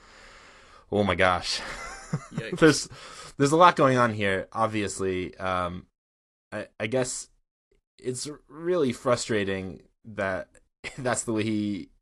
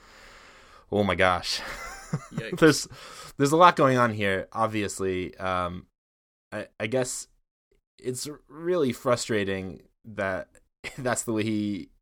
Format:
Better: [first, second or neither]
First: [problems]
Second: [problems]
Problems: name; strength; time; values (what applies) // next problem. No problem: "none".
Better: second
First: garbled, watery; slightly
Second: none